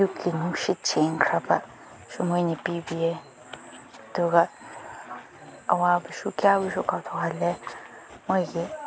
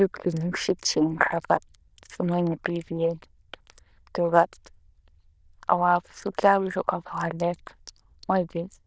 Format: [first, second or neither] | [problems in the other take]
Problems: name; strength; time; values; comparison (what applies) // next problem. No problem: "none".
first | noise reduction (neural diffusion model UNIVERSE++)